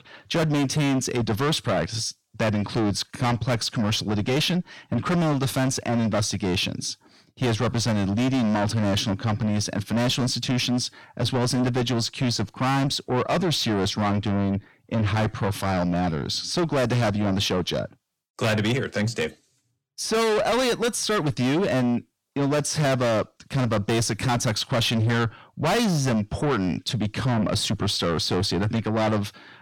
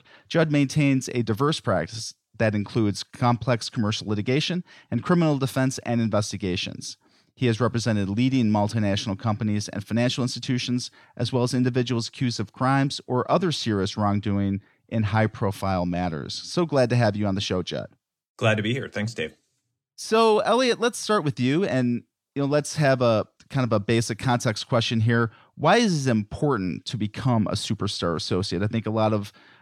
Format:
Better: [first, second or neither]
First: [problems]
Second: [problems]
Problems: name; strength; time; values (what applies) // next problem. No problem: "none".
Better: second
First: distortion; heavy; 6 dB below the speech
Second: none